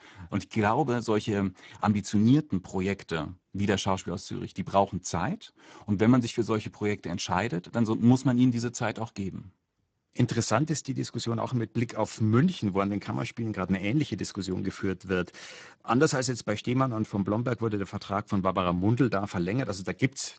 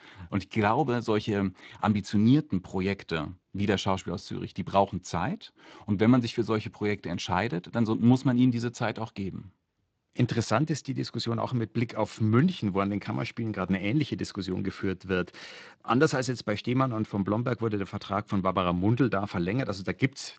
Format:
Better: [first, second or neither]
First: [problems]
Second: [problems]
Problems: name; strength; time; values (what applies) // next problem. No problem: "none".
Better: second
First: garbled, watery; badly; nothing above 7.5 kHz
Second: garbled, watery; slightly; nothing above 8 kHz